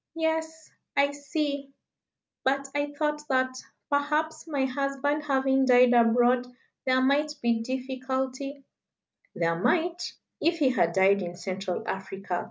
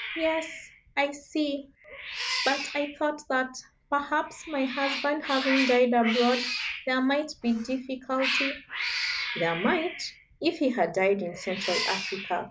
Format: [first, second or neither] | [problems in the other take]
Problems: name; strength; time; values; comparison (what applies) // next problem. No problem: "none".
first | background sound (Cat); 6 dB below the speech